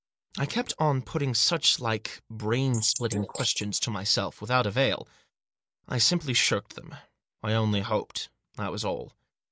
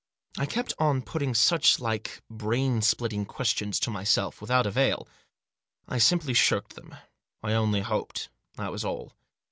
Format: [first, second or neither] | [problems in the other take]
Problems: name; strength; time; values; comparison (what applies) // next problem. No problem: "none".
second | noise reduction (neural mask model Resemble Enhance denoiser)